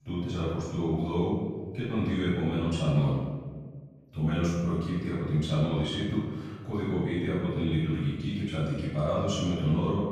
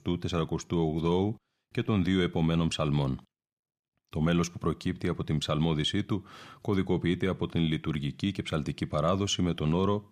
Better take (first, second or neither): second